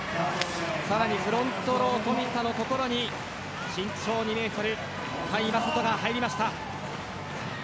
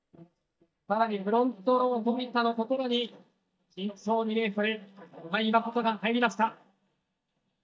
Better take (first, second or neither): first